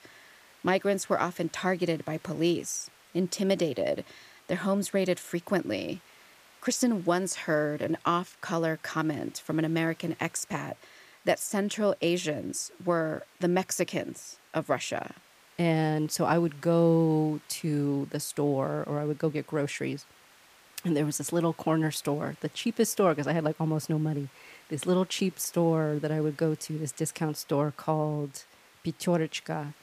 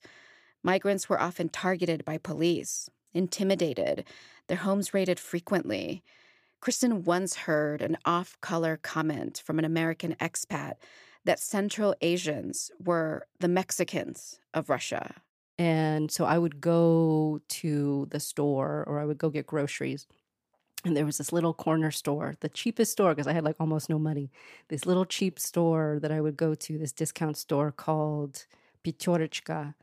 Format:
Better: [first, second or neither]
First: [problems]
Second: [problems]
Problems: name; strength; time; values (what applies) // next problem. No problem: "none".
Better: second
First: hiss; faint; throughout; 25 dB below the speech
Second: none